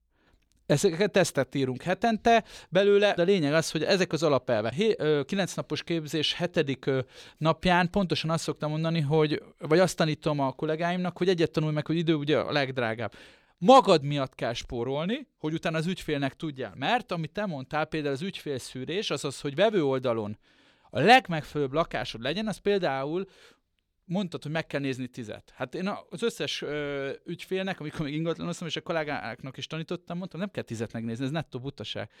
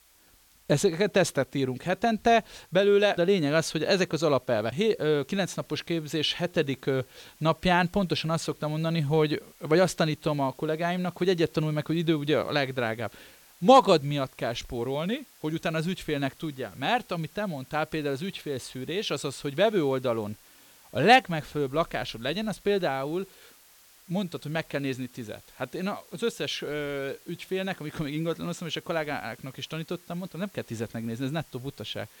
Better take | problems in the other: first | hiss; faint; throughout; 25 dB below the speech

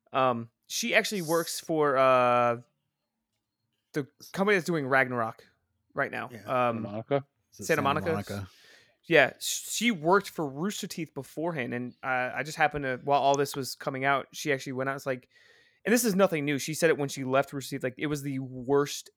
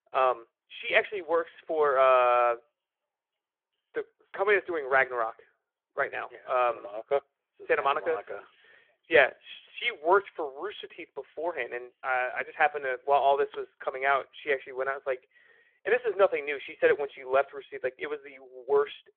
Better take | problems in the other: first | phone-call audio; nothing above 3.5 kHz

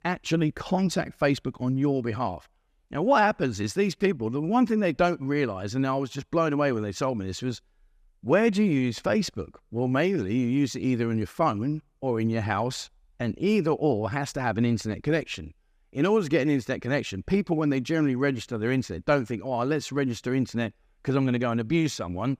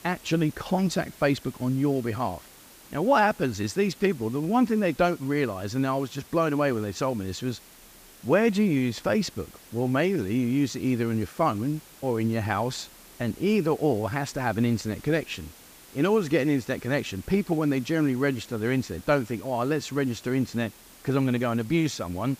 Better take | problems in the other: first | hiss; faint; throughout; 20 dB below the speech

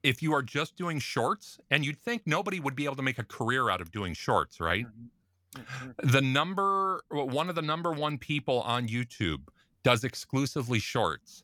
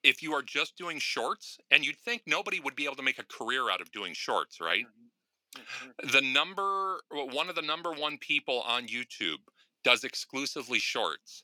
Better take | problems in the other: first | thin; somewhat; fading below 300 Hz

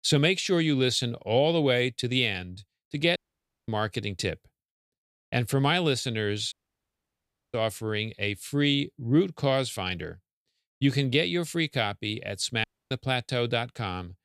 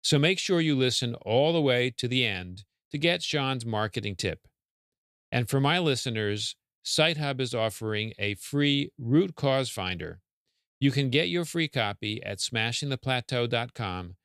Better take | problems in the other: second | audio cutting out; at 3 s for 0.5 s, at 6.5 s for 1 s and at 13 s

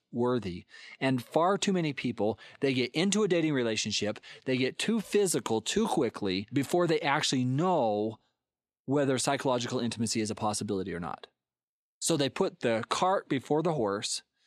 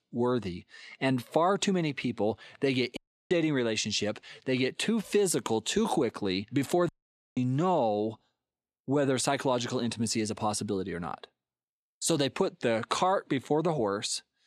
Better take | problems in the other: first | audio cutting out; at 3 s and at 7 s

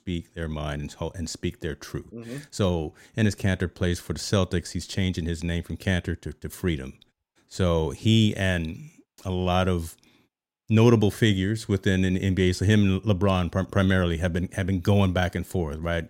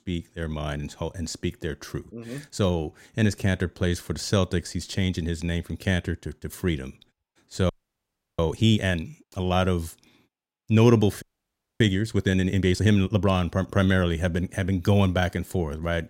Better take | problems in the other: first | audio freezing; at 7.5 s for 0.5 s and at 11 s for 0.5 s

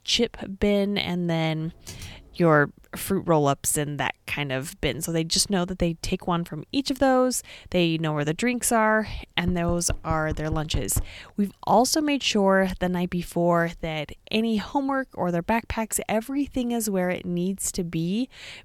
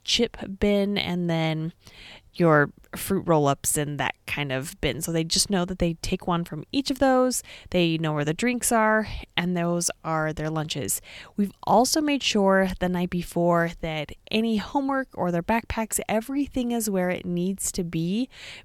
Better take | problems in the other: second | keyboard typing; faint; at 1.5 s; peak 15 dB below the speech // door banging; noticeable; from 9.5 to 11 s; peak 7 dB below the speech

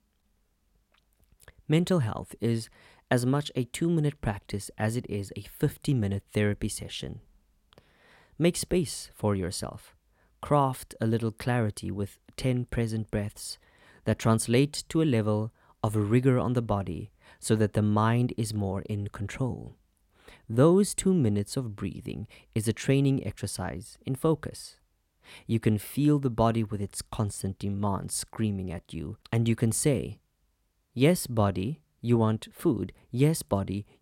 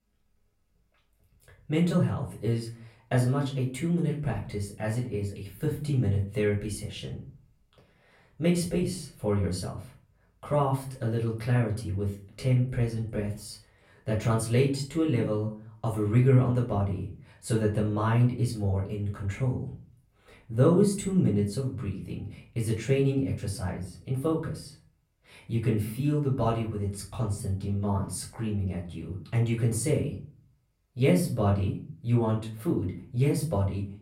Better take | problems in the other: first | room echo; slight; dies away in 0.4 s // off-mic speech; far

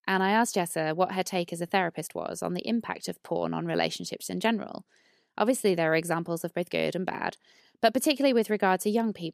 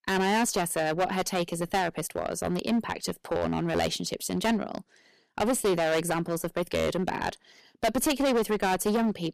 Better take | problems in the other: first | distortion; heavy; 11% of the sound clipped

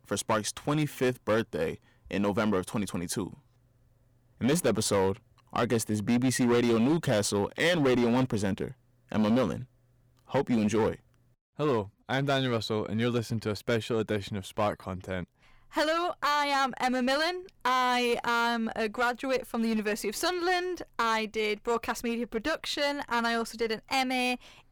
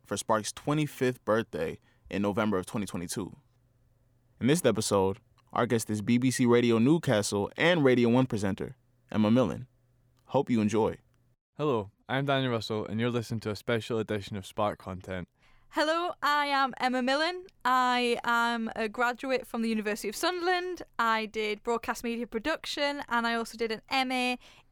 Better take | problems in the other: second | distortion; slight; 9% of the sound clipped

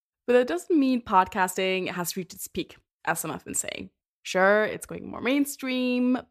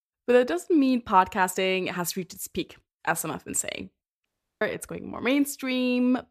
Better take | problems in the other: first | audio cutting out; at 4.5 s

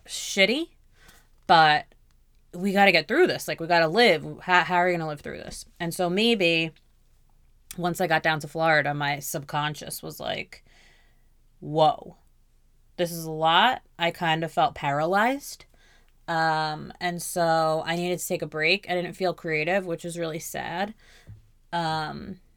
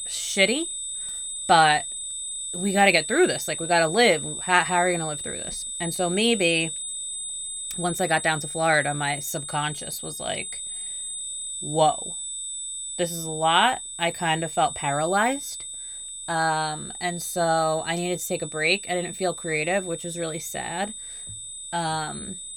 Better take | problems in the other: first | high-pitched whine; loud; throughout; 8 kHz, 7 dB below the speech

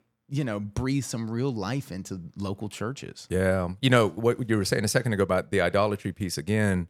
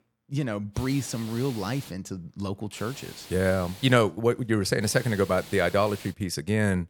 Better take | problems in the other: first | hiss; noticeable; from 1 to 2 s, from 3 to 4 s and from 5 to 6 s; 15 dB below the speech

